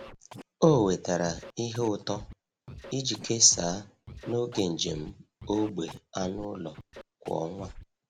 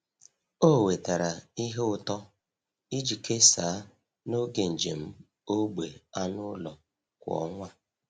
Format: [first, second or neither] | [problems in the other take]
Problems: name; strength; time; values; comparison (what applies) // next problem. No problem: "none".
second | background sound (Scratching (performance technique)); 17 dB below the speech